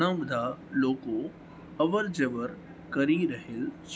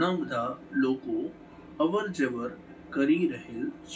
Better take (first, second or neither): first